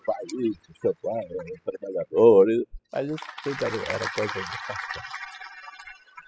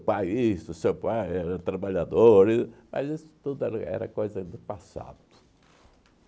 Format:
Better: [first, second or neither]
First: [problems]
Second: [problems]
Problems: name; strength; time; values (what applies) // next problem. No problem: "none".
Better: second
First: noise reduction (classical method spectral subtraction)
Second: none